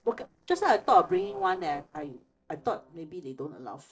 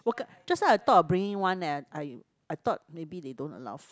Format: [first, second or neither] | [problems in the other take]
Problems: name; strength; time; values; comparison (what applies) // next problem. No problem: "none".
second | noise reduction (neural separator model SepFormer DNS4)